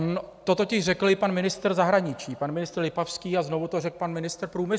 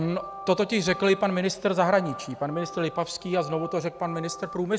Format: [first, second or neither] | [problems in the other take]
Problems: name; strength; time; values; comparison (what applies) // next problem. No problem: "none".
first | background sound (Organ); 14 dB below the speech